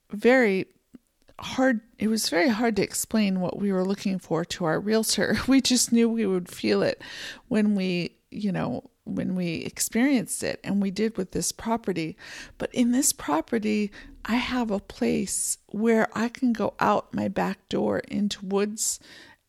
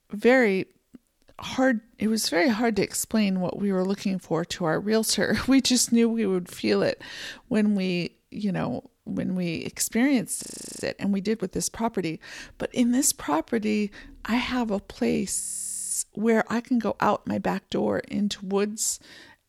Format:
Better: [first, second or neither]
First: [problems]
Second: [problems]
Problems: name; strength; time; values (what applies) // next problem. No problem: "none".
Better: first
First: none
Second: audio freezing; at 10 s and at 15 s for 0.5 s